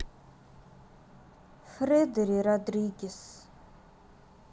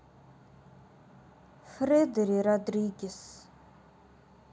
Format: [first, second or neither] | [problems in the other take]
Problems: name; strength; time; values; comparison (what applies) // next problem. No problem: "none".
second | background sound (Wind); 19 dB below the speech